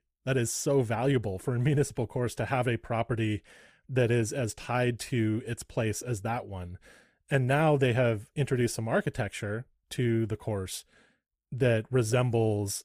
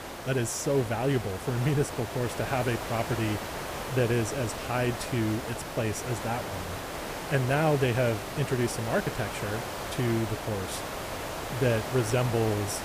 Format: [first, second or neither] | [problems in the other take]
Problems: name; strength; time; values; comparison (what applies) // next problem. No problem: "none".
first | hiss; loud; throughout; 6 dB below the speech